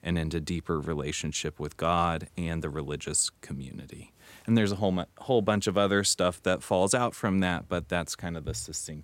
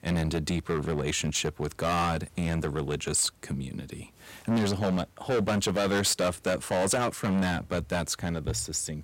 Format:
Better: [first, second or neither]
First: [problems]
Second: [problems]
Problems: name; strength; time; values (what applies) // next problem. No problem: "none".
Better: first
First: none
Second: distortion; heavy; 12% of the sound clipped